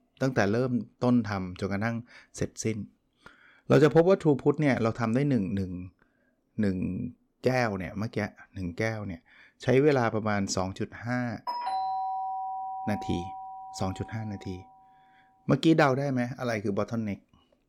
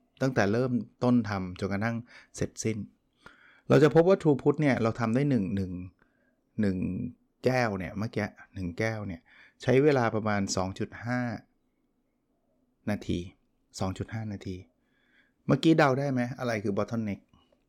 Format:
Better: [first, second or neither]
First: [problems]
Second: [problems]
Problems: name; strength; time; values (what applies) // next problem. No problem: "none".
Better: second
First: doorbell; noticeable; from 11 to 14 s; peak 3 dB below the speech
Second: none